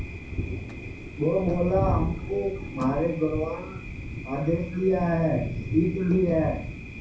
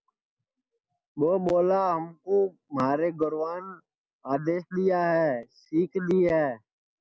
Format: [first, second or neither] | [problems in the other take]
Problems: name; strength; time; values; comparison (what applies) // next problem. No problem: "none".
second | background sound (Thunder); 6 dB below the speech // room echo; dies away in 0.6 s